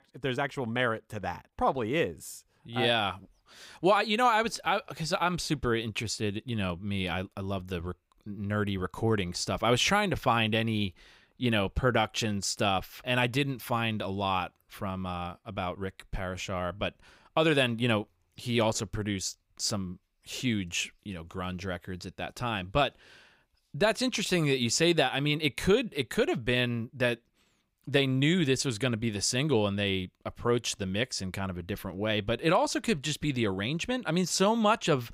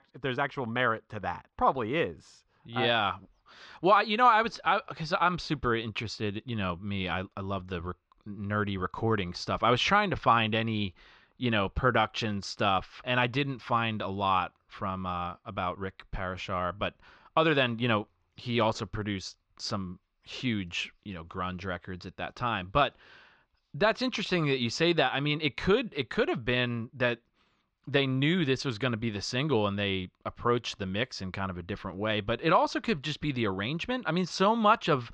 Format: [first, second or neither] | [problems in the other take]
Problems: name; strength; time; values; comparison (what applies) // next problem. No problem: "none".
first | muffled; very slightly; fading above 5 kHz